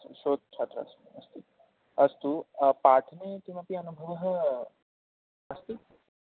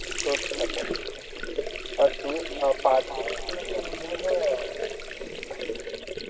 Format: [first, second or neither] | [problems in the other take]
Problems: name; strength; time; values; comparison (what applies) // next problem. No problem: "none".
first | background sound (Sink (filling or washing) / Water); 3 dB below the speech // room echo; dies away in 2.6 s